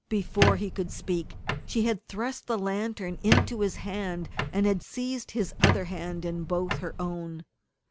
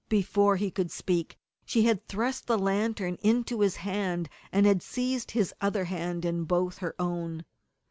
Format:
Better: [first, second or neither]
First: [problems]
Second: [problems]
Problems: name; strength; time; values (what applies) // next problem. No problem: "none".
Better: second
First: background sound (Squeak); as loud as the speech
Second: none